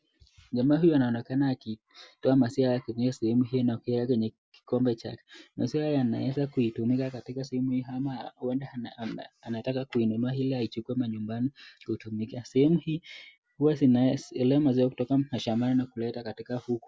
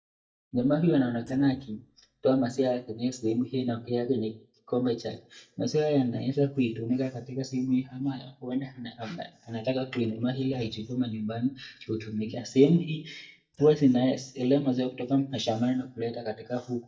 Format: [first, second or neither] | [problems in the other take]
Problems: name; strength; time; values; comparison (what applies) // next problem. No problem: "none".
first | noise reduction (neural mask model DeepFilterNet 3)